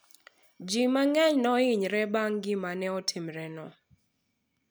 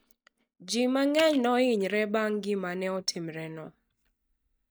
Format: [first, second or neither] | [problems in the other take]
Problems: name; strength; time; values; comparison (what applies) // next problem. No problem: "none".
first | noise reduction (neural mask model DeepFilterNet 3)